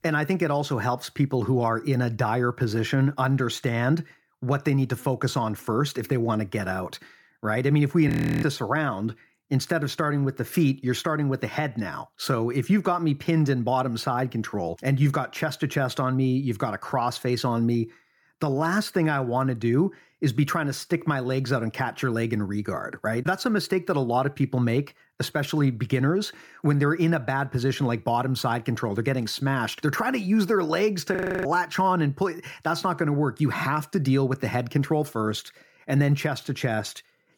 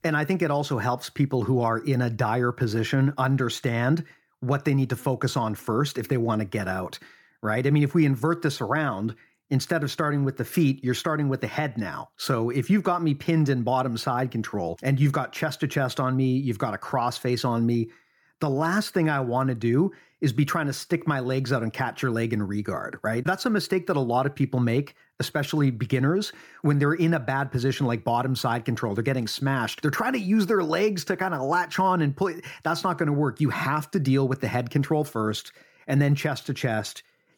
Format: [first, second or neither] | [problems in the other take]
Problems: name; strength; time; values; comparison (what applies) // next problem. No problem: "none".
second | audio freezing; at 8 s and at 31 s